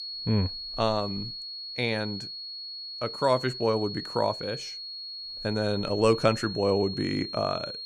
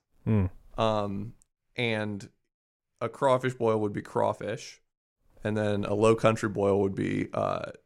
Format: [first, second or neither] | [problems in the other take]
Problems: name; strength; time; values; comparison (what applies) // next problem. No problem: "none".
second | high-pitched whine; loud; throughout; 4.5 kHz, 7 dB below the speech